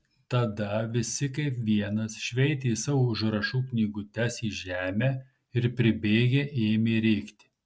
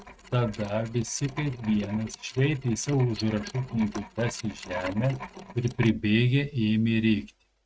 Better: first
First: none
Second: noise reduction (neural mask model RNNoise)

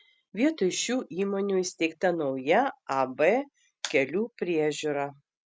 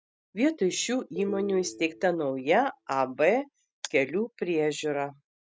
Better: first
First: none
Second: noise reduction (neural mask model DeepFilterNet 3)

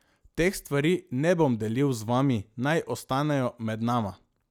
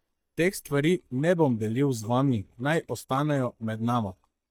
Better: first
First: none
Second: noise reduction (neural mask model DeepFilterNet 3)

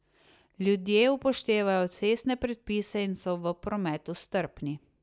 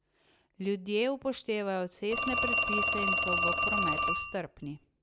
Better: first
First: none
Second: background sound (Telephone); 2 dB above the speech

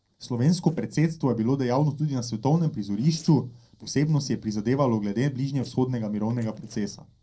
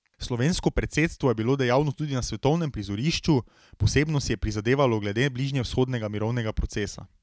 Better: second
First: noise reduction (neural separator model SepFormer DNS4)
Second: none

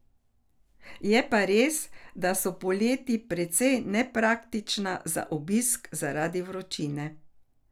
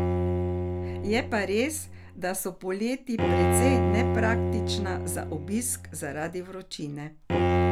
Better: first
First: none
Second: background sound (Bowed string instrument); 3 dB above the speech

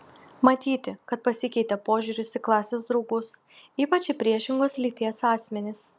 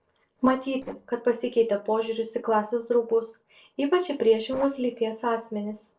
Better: first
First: none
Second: noise reduction (neural separator model SepFormer DNS4)

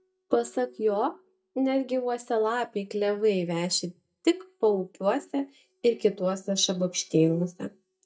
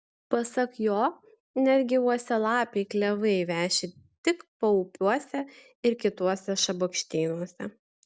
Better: second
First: noise reduction (neural mask model DeepFilterNet 3)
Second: none

